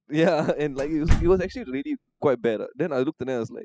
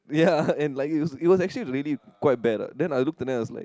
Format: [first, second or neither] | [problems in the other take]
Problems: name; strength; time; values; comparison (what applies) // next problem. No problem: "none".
second | noise reduction (classical method spectral subtraction)